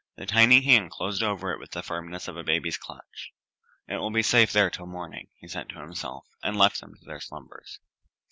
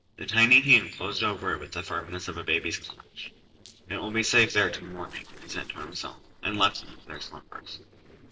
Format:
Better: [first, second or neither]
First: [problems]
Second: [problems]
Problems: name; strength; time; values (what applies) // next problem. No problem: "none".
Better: first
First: none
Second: noise reduction (neural separator model SepFormer DNS4)